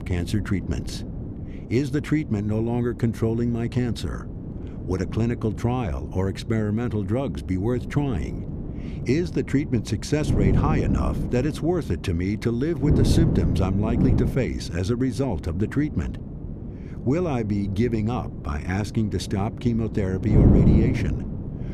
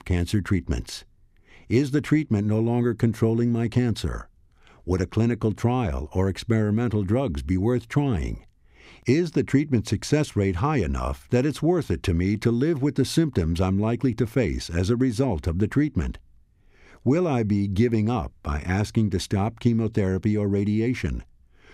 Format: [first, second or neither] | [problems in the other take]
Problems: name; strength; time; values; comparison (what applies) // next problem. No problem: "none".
second | wind noise on the microphone; heavy; 6 dB below the speech